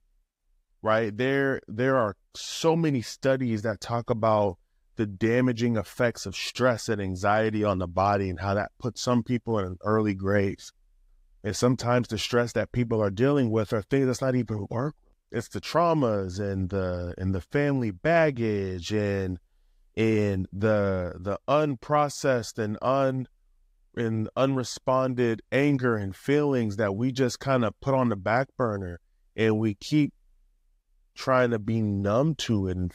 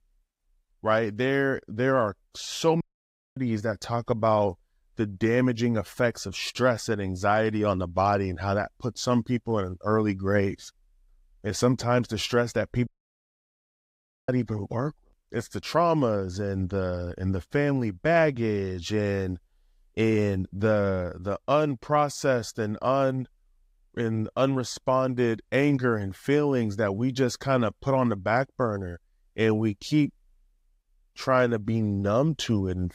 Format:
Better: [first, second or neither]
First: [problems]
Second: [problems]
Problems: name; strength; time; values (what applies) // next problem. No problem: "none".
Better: first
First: none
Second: audio cutting out; at 3 s for 0.5 s and at 13 s for 1.5 s